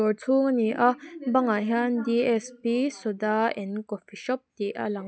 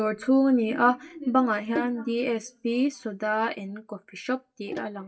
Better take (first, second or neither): first